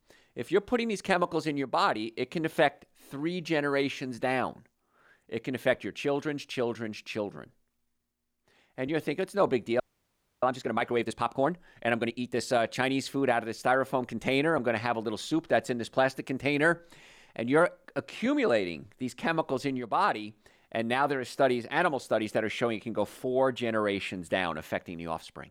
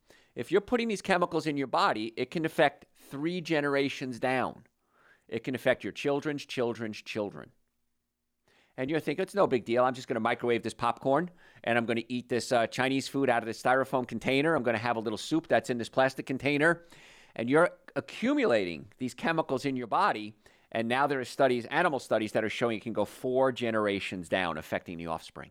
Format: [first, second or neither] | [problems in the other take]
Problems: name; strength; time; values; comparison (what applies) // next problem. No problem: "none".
second | audio freezing; at 10 s for 0.5 s